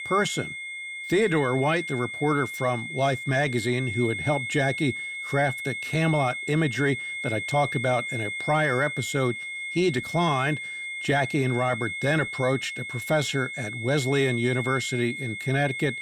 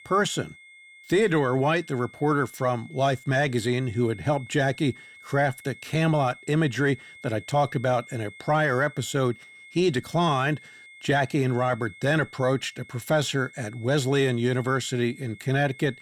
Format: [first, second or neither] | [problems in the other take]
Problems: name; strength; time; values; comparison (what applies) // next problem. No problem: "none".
second | high-pitched whine; loud; throughout; 2 kHz, 5 dB below the speech; faint in the second